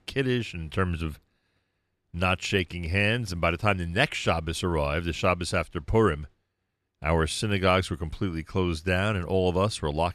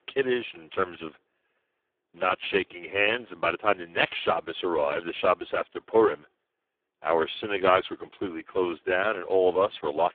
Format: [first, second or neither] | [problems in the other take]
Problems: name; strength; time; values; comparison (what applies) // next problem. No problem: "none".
first | phone-call audio; poor line